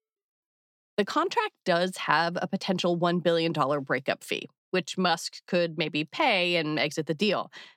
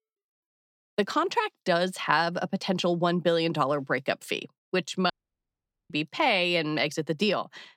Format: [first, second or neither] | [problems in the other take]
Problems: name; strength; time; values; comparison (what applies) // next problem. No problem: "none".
first | audio cutting out; at 5 s for 1 s